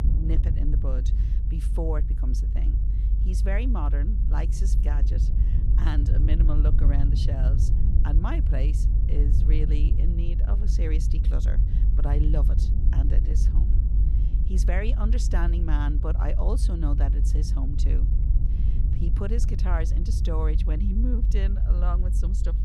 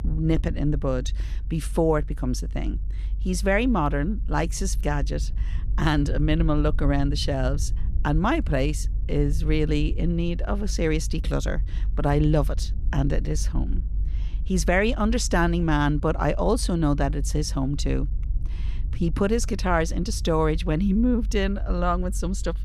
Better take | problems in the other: second | low rumble; loud; throughout; 5 dB below the speech; faint in the second

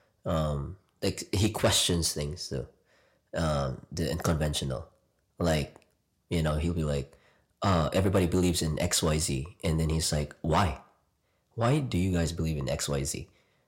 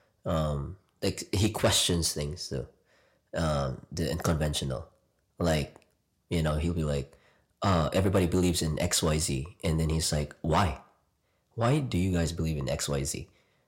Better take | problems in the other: neither | distortion; slight; 10 dB below the speech; the same in both

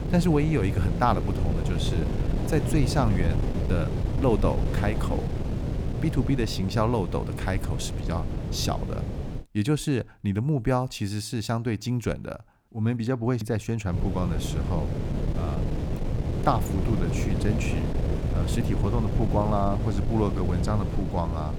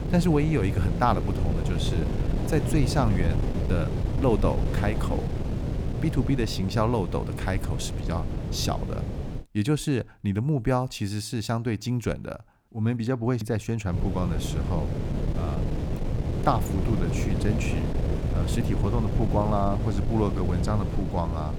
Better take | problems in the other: neither | wind noise on the microphone; heavy; until 9.5 s and from 14 s on; 6 dB below the speech; the same in both

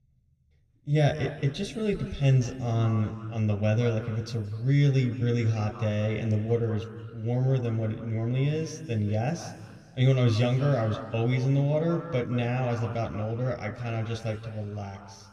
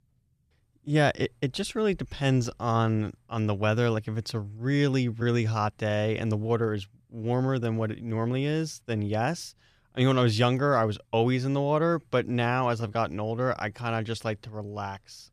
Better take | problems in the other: second | room echo; slight; dies away in 1.9 s

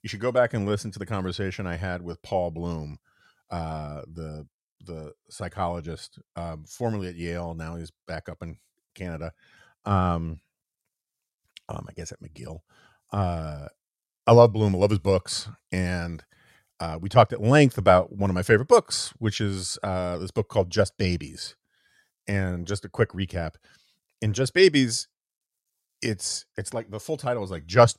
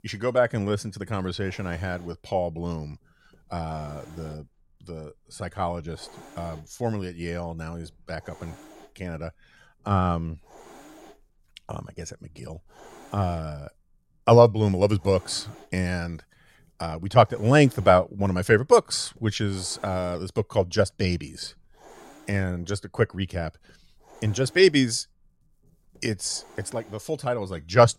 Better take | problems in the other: first | hiss; faint; throughout; 25 dB below the speech

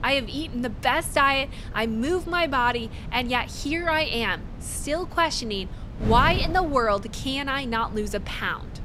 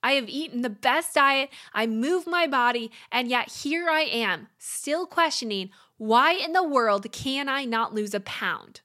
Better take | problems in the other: second | wind noise on the microphone; occasional gusts; 20 dB below the speech

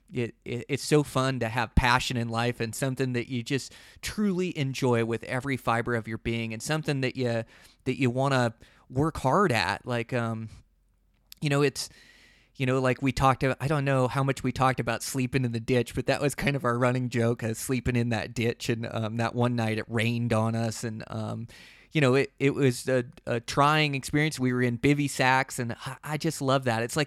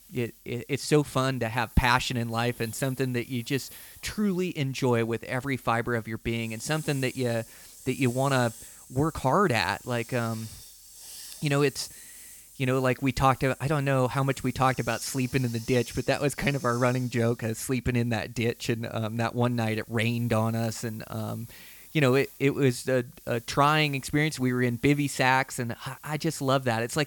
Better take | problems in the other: first | hiss; noticeable; throughout; 20 dB below the speech

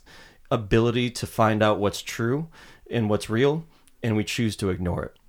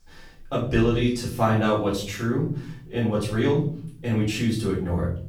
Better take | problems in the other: first | off-mic speech; far // room echo; noticeable; dies away in 0.7 s

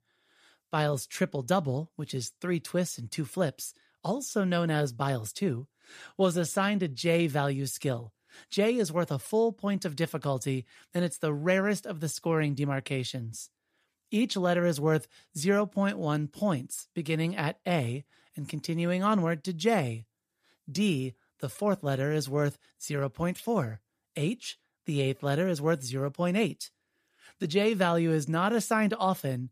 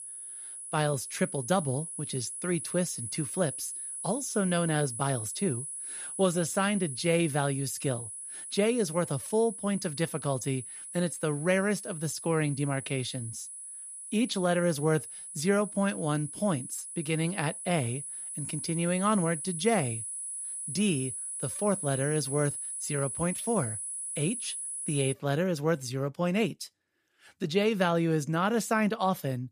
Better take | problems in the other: first | high-pitched whine; loud; until 25 s; 10.5 kHz, 6 dB below the speech

